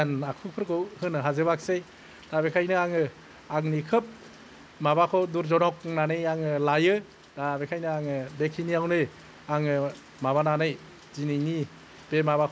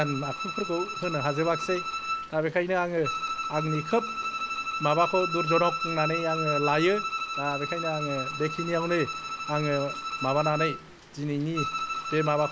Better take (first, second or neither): first